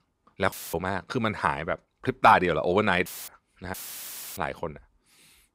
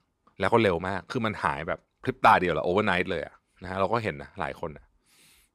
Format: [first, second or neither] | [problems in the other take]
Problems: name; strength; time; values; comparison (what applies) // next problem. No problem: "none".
second | audio cutting out; filled with static; at 0.5 s, at 3 s and at 3.5 s for 0.5 s